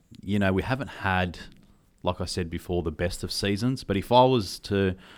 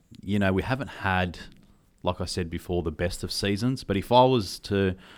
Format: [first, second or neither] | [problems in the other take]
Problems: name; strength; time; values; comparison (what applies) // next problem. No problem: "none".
neither | none